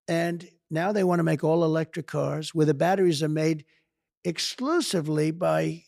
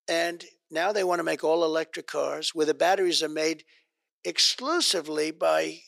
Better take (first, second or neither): first